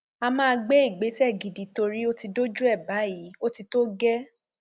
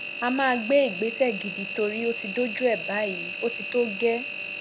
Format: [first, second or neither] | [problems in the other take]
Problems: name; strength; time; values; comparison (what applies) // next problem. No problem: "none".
first | background sound (Engine); 7 dB below the speech